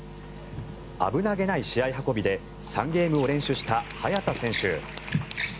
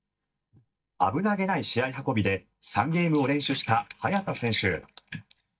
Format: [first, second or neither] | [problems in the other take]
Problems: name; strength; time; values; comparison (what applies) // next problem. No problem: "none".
first | noise reduction (neural mask model DeepFilterNet 3)